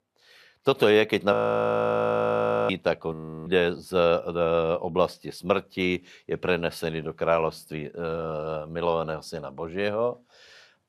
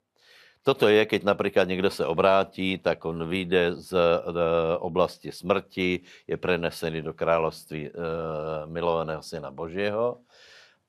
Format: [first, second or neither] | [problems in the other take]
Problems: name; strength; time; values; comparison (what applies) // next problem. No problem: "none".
second | audio freezing; at 1.5 s for 1.5 s and at 3 s